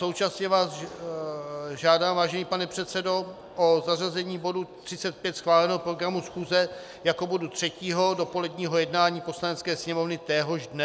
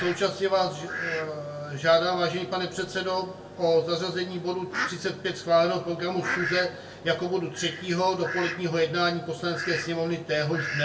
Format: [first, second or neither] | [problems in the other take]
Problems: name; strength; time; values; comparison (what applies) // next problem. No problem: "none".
first | background sound (Fowl); 10 dB below the speech // room echo; dies away in 0.3 s